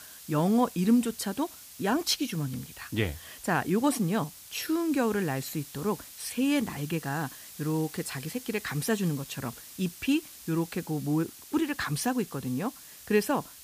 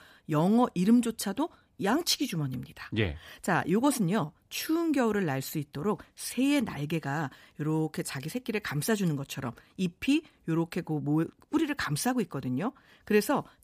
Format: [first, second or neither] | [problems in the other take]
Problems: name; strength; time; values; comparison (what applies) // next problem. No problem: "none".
second | hiss; noticeable; throughout; 15 dB below the speech